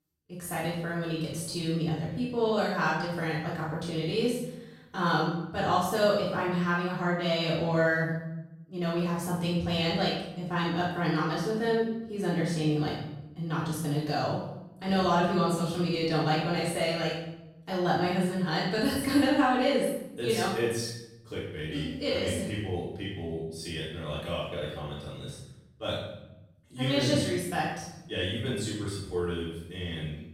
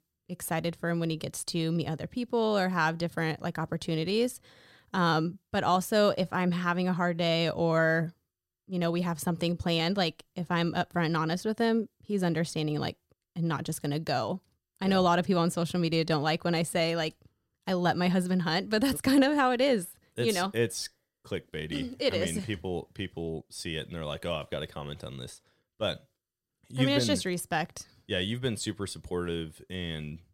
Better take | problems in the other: second | off-mic speech; far // room echo; strong; dies away in 0.8 s

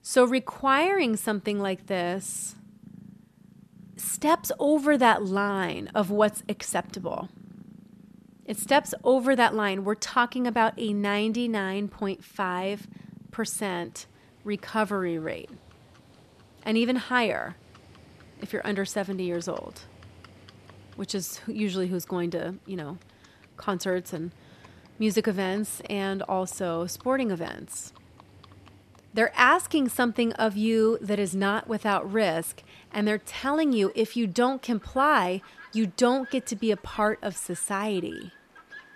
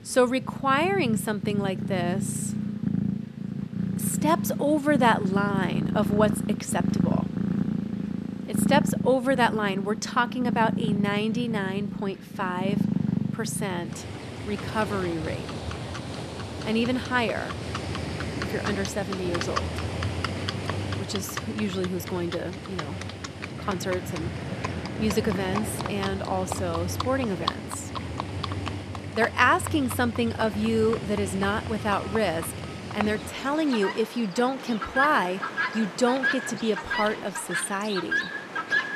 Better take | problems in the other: first | animal sounds; loud; throughout; 3 dB below the speech; faint in the first

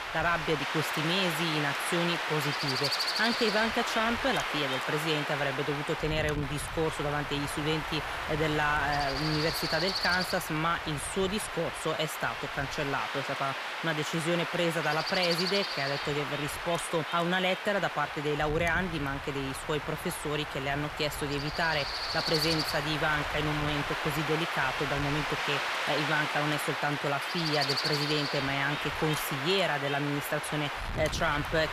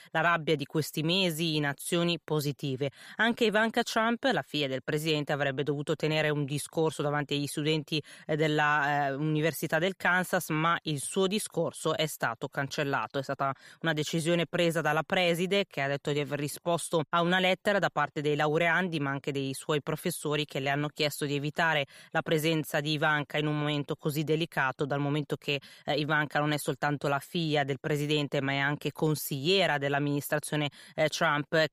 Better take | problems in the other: second | wind noise on the microphone; heavy; as loud as the speech

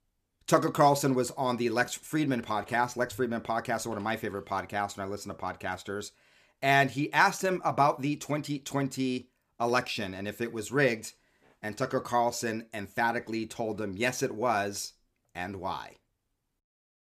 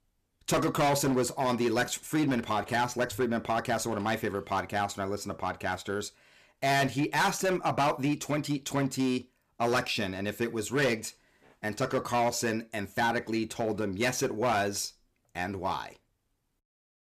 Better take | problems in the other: first | distortion; heavy; 7% of the sound clipped

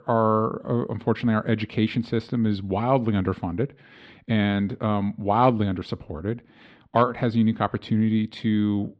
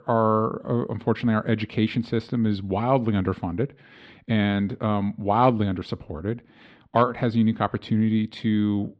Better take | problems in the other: neither | muffled; slightly; fading above 4 kHz; the same in both

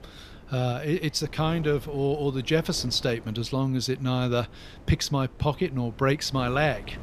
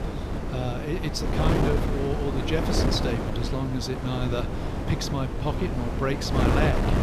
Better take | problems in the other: first | wind noise on the microphone; heavy; as loud as the speech; occasional gusts in the first

